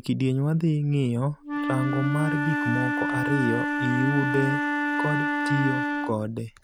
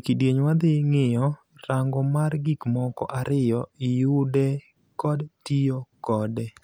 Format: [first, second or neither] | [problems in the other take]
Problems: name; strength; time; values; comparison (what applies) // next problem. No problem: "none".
second | background sound (Wind instrument, woodwind instrument); 1 dB below the speech